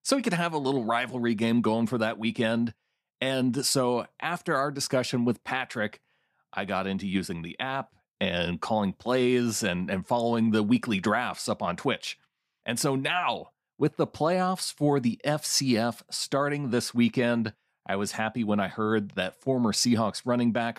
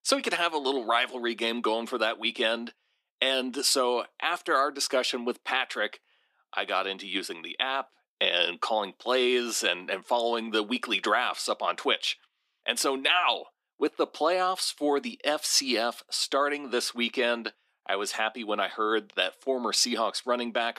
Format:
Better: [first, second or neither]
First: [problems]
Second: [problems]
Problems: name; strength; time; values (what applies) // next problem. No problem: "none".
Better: first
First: none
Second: thin; somewhat; fading below 300 Hz